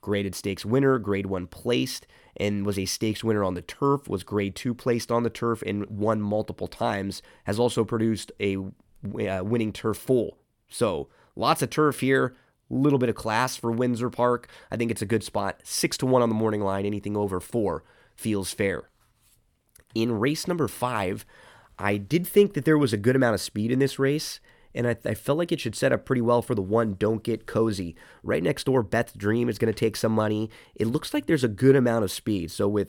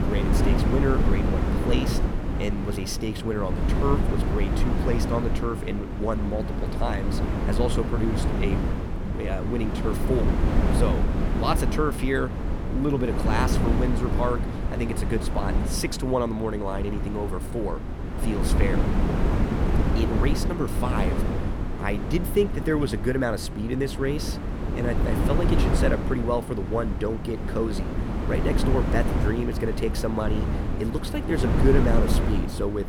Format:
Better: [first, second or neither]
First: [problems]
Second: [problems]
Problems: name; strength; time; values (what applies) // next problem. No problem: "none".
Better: first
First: none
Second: wind noise on the microphone; heavy; 3 dB below the speech